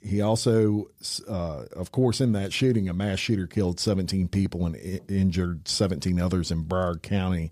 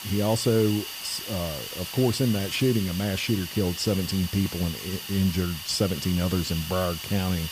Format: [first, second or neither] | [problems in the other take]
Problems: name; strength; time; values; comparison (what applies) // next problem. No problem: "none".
first | hiss; loud; throughout; 7 dB below the speech